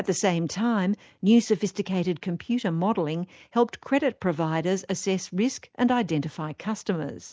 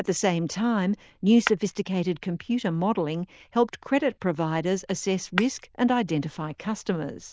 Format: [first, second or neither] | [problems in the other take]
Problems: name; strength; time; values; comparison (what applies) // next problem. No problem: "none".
first | noise reduction (neural diffusion model UNIVERSE++)